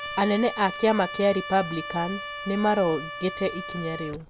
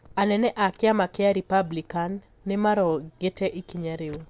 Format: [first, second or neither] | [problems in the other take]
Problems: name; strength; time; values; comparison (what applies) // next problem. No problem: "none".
second | background sound (Trumpet); 10 dB below the speech